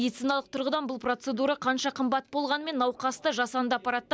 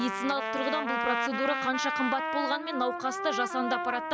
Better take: first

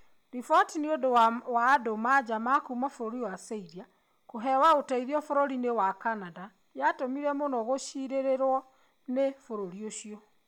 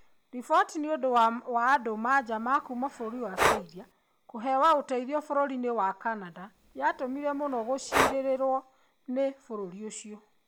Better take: first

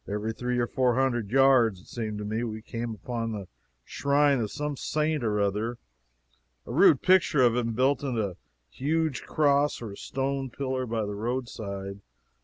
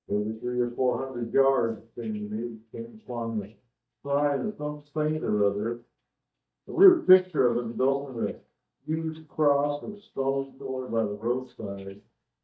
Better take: first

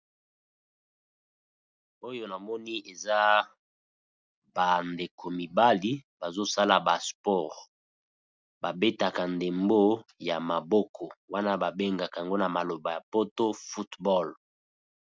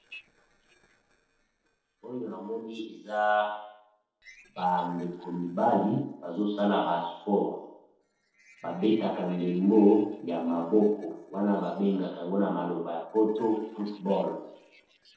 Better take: first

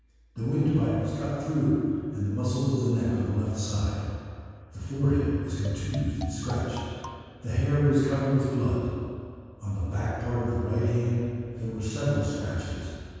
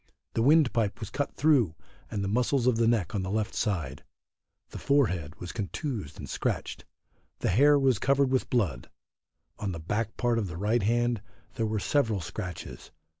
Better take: second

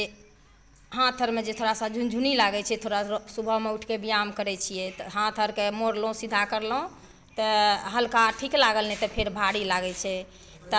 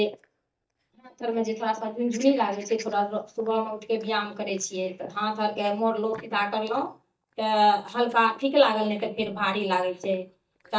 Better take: first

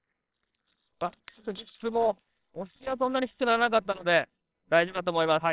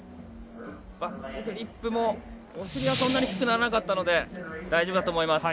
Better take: second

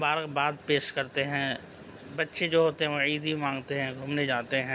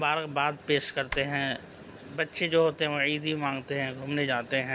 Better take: first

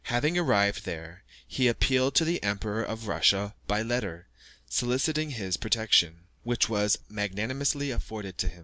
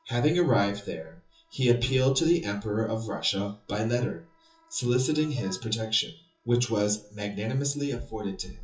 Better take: first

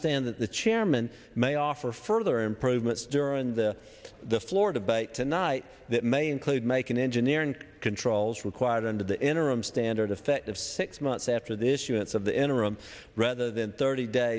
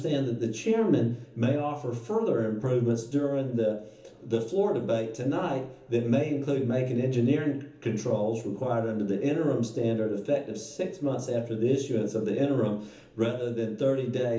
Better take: first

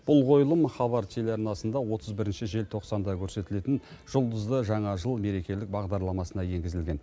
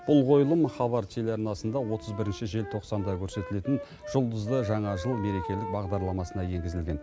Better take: first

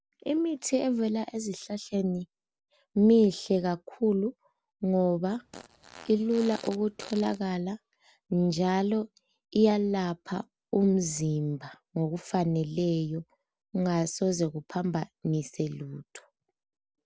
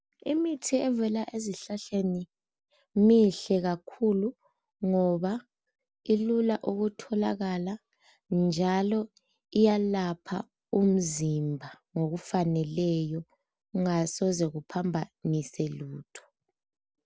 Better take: second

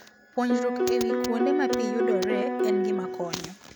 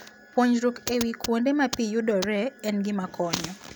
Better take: second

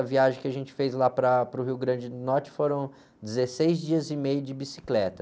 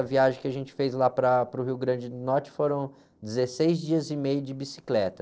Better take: first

